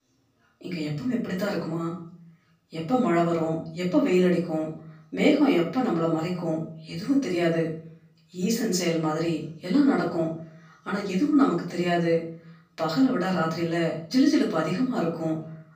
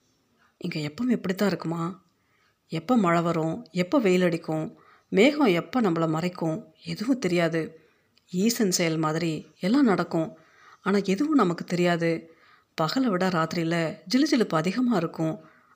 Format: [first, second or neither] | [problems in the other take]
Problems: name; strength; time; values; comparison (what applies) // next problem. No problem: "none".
second | off-mic speech; far // room echo; noticeable; dies away in 0.5 s